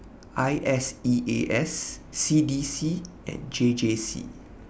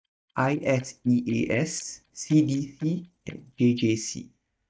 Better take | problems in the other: first | noise reduction (neural mask model DeepFilterNet 3)

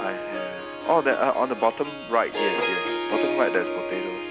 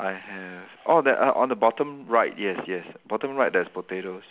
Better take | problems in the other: second | background sound (Harp); 3 dB below the speech

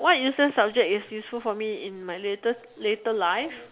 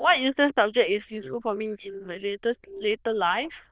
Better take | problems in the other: first | noise reduction (neural diffusion model UNIVERSE++)

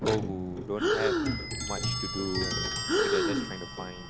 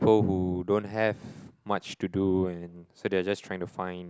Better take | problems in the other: second | background sound (Breathing + Clock); 5 dB above the speech

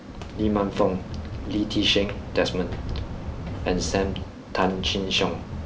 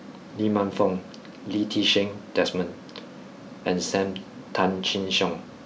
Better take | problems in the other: second | background sound (Walk, footsteps); 7 dB below the speech

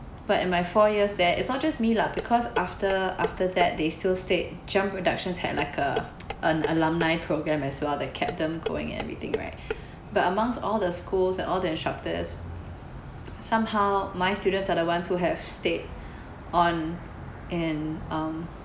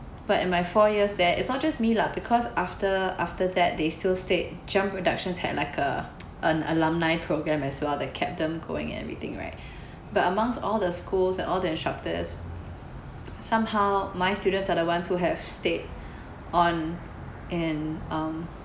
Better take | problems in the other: second | background sound (Dishes, pots, and pans); 10 dB below the speech

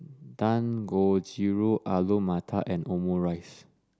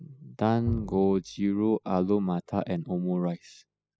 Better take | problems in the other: first | noise reduction (classical method spectral subtraction)

